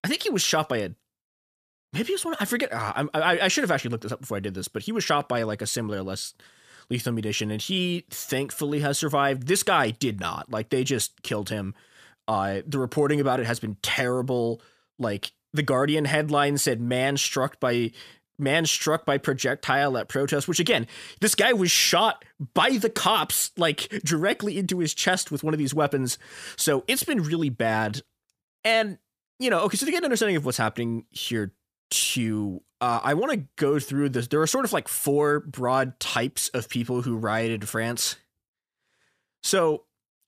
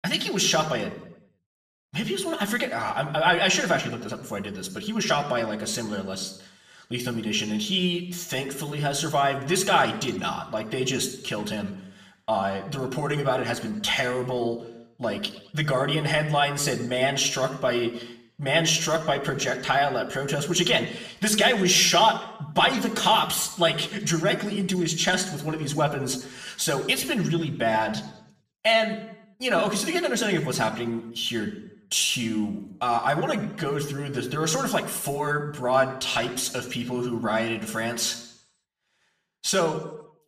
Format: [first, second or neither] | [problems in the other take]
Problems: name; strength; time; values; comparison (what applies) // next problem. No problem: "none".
first | room echo; slight; dies away in 0.7 s // off-mic speech; somewhat distant